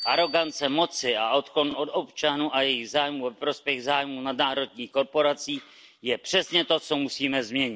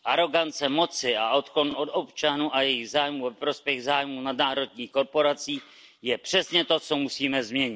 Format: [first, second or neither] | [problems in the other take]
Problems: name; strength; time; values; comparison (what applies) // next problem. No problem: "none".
second | background sound (Bicycle bell); 20 dB below the speech